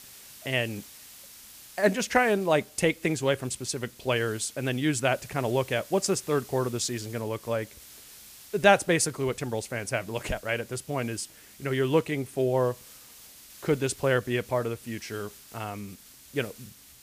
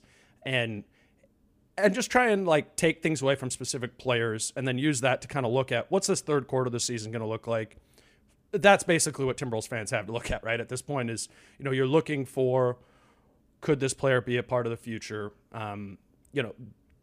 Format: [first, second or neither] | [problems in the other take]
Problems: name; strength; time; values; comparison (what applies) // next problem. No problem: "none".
second | hiss; noticeable; throughout; 20 dB below the speech